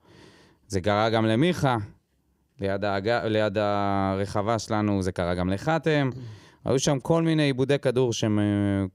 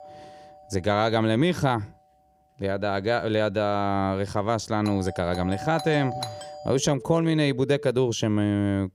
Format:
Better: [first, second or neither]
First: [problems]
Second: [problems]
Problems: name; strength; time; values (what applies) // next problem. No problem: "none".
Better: first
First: none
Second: alarms or sirens; noticeable; throughout; 15 dB below the speech